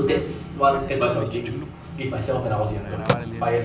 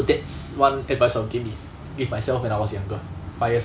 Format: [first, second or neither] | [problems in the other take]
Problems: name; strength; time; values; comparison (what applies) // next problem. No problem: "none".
second | background sound (Telephone); 8 dB below the speech // room echo; dies away in 0.6 s